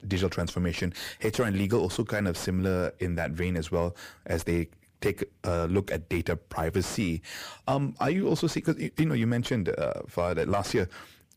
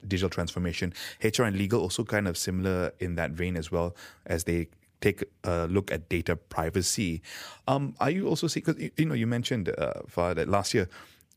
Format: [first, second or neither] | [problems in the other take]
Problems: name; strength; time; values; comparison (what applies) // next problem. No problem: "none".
second | distortion; slight; 10 dB below the speech